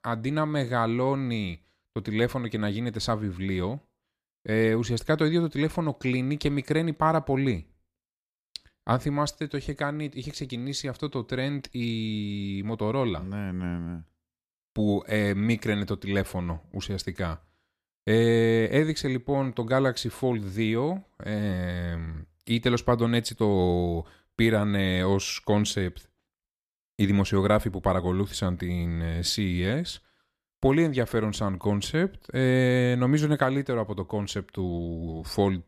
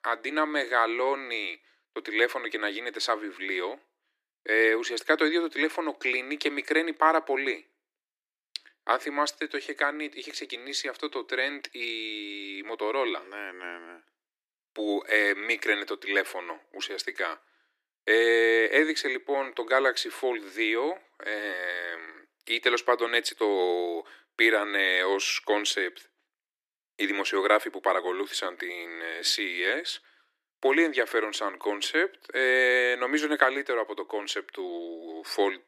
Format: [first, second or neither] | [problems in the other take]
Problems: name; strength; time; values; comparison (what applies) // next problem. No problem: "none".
first | thin; very; fading below 300 Hz